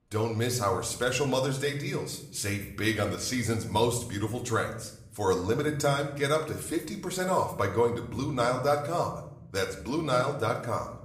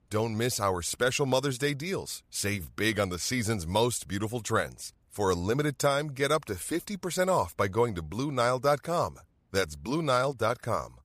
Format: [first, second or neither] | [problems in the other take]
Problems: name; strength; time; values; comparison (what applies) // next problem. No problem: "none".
second | room echo; slight; dies away in 0.7 s // off-mic speech; somewhat distant